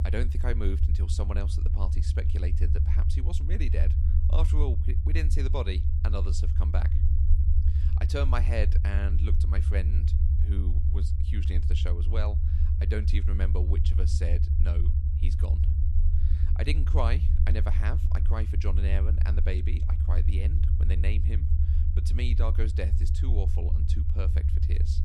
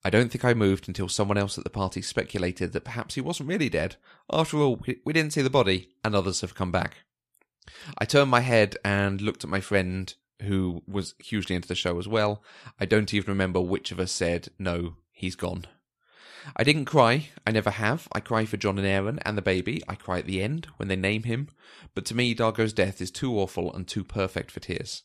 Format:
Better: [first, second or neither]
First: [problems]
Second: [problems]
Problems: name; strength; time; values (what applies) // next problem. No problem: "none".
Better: second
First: low rumble; loud; throughout; 4 dB below the speech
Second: none